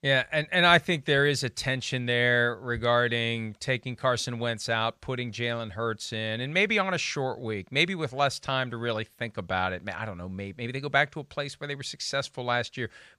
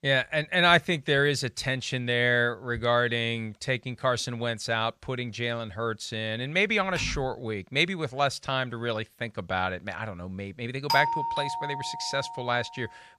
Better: first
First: none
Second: keyboard typing; noticeable; at 7 s; peak 10 dB below the speech // doorbell; loud; from 11 to 12 s; peak 1 dB above the speech

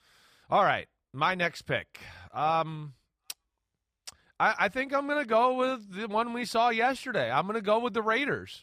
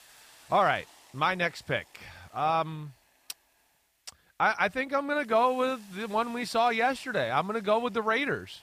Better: first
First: none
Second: hiss; faint; throughout; 30 dB below the speech

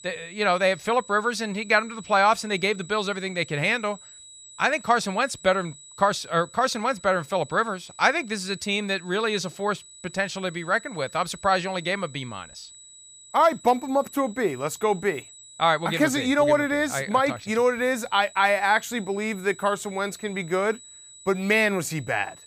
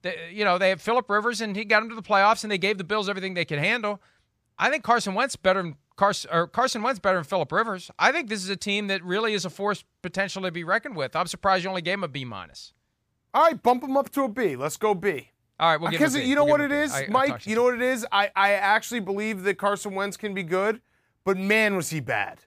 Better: second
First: high-pitched whine; faint; throughout; 8 kHz, 20 dB below the speech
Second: none

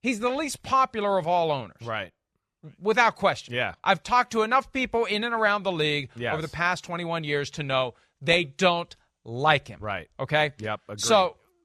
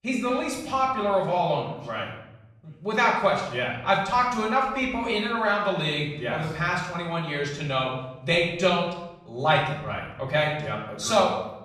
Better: first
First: none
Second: off-mic speech; far // room echo; noticeable; dies away in 0.8 s

